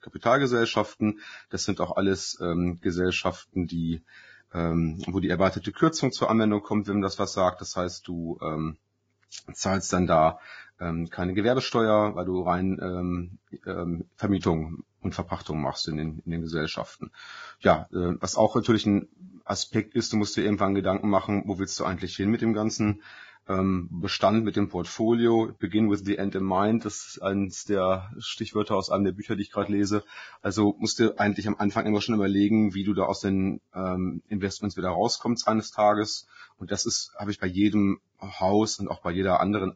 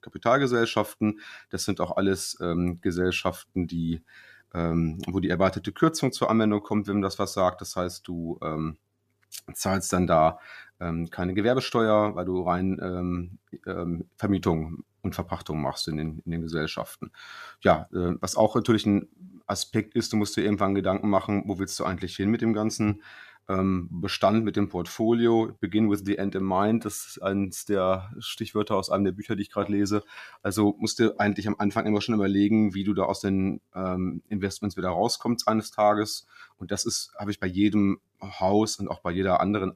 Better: second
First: garbled, watery; badly; nothing above 7.5 kHz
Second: none

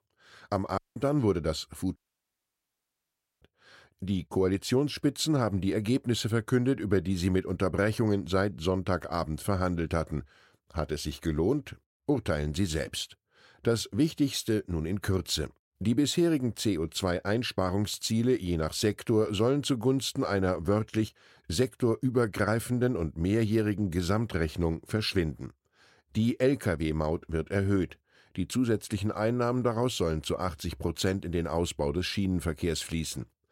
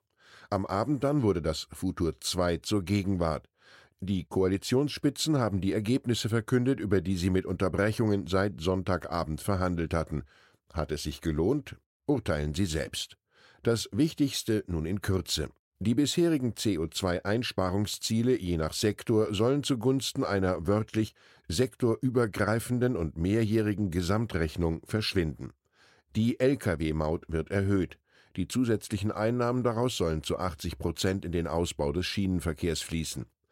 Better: second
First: audio cutting out; at 1 s and at 2 s for 1.5 s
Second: none

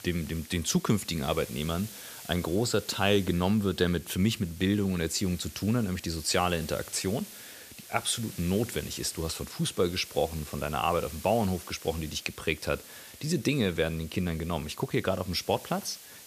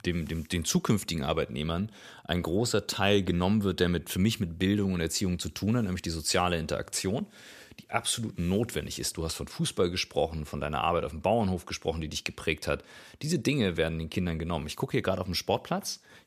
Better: second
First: hiss; noticeable; throughout; 15 dB below the speech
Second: none

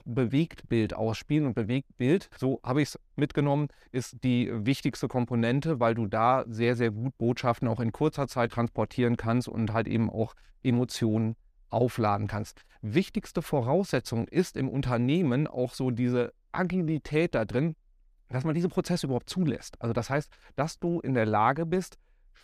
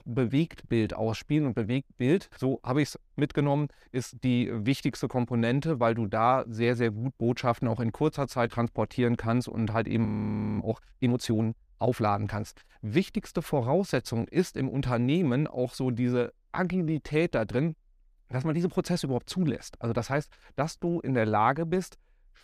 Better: first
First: none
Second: audio freezing; at 10 s for 0.5 s

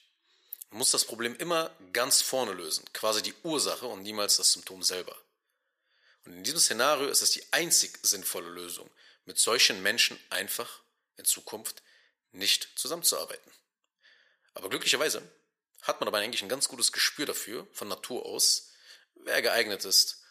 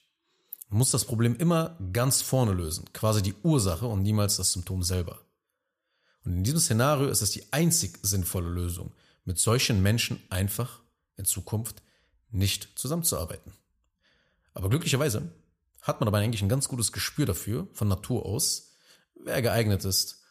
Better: second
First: thin; very; fading below 350 Hz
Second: none

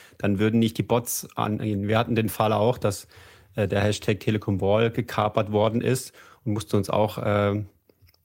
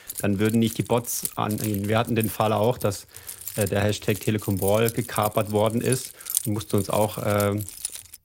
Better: first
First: none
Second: jangling keys; noticeable; peak 1 dB below the speech

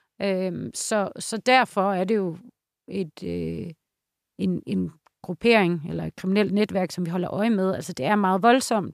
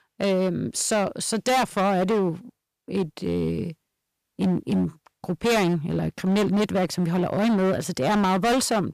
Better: first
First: none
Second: distortion; heavy; 15% of the sound clipped

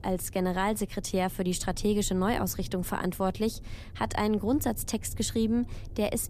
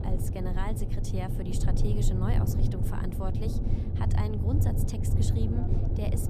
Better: first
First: low rumble; faint; throughout; 25 dB below the speech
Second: low rumble; loud; throughout; 1 dB below the speech

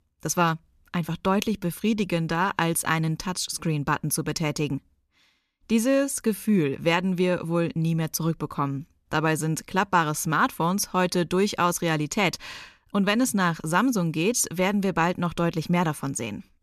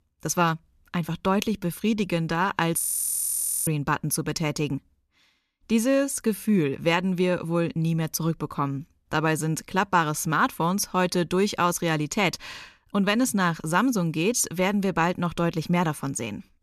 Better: first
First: none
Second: audio freezing; at 3 s for 1 s

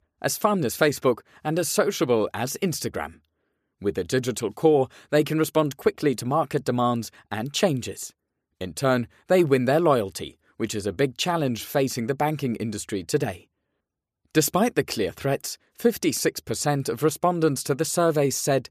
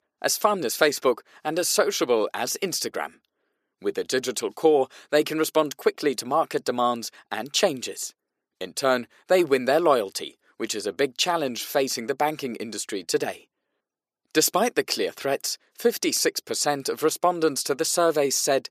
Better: first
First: none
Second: thin; somewhat; fading below 350 Hz

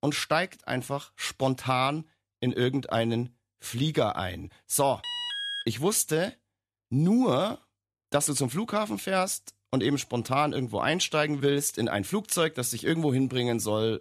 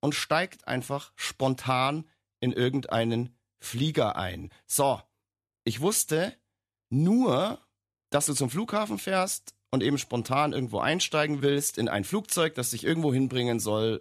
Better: second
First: alarm; noticeable; at 5 s; peak 3 dB below the speech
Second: none

